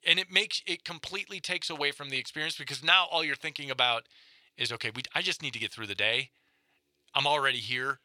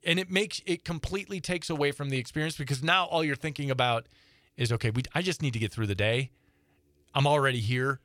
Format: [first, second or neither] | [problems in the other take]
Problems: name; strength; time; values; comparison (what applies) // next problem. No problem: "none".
second | thin; somewhat; fading below 550 Hz